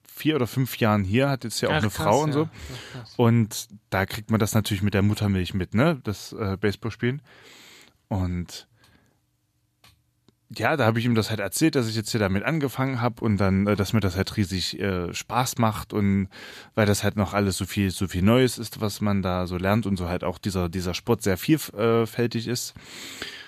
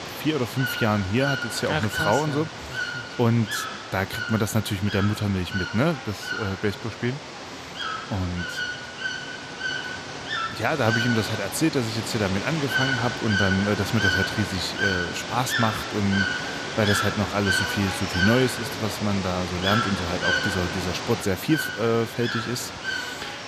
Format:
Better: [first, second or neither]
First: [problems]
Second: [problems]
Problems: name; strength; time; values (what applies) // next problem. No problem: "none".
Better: first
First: none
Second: animal sounds; loud; throughout; 2 dB below the speech